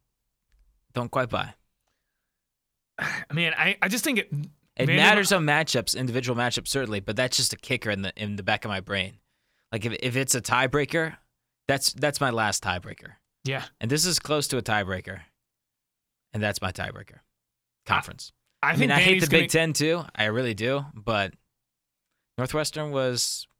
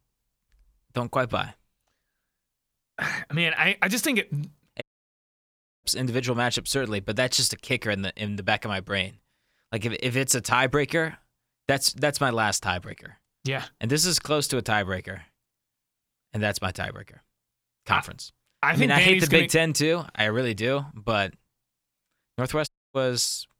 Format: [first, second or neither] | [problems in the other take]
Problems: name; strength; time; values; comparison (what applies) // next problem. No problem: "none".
first | audio cutting out; at 5 s for 1 s and at 23 s